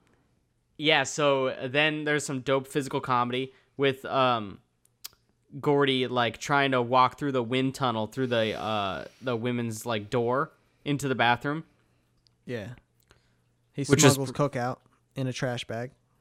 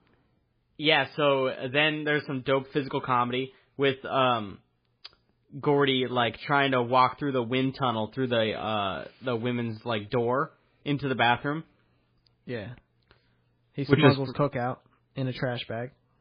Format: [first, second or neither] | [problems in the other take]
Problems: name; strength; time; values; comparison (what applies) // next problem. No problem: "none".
first | garbled, watery; badly